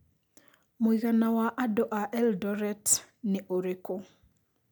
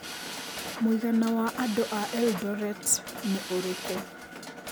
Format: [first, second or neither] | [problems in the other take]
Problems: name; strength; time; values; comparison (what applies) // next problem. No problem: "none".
first | background sound (Drill + Mechanisms); 9 dB below the speech